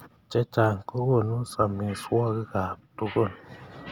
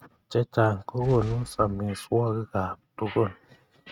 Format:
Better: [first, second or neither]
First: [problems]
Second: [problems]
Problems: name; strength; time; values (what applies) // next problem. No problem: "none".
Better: first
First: none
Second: noise reduction (neural mask model RNNoise)